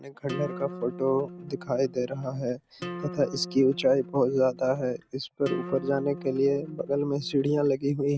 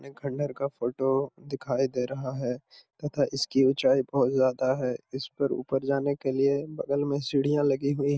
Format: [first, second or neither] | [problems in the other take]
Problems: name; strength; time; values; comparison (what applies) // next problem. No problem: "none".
second | background sound (Acoustic guitar); 13 dB below the speech